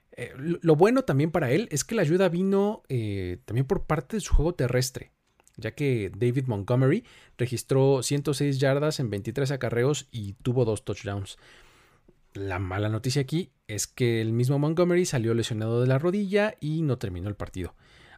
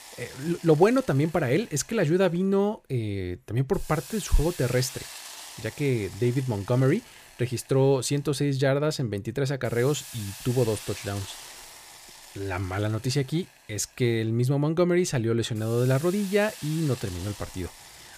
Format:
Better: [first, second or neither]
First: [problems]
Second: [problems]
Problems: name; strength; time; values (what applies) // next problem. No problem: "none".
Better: first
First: none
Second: hiss; noticeable; throughout; 15 dB below the speech